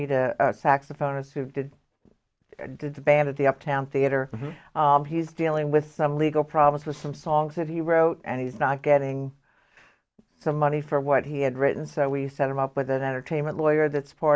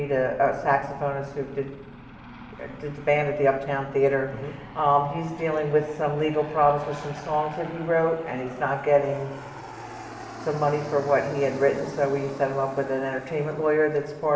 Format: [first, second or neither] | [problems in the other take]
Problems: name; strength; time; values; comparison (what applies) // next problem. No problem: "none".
first | background sound (Aircraft); 16 dB below the speech // room echo; dies away in 1.1 s